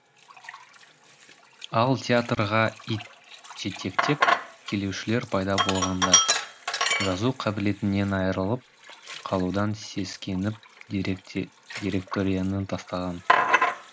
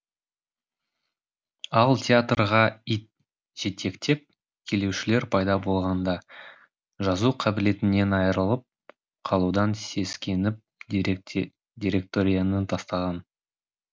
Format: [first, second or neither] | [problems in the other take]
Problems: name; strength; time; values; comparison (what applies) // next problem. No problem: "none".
second | background sound (Sink (filling or washing)); 2 dB below the speech